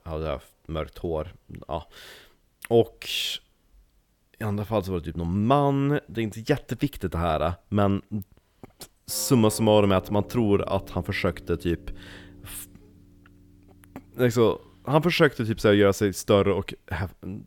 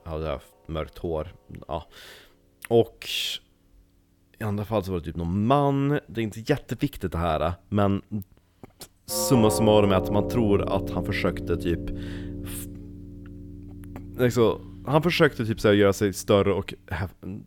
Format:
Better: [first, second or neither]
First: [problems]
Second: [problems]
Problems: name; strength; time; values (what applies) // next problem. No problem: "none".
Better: first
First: alarms or sirens; faint; throughout; 20 dB below the speech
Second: alarms or sirens; loud; throughout; 8 dB below the speech